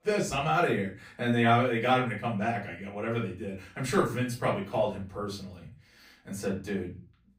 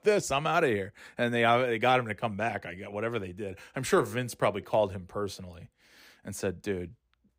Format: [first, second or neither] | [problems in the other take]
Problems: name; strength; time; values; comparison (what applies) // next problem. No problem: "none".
second | off-mic speech; far // room echo; slight; dies away in 0.3 s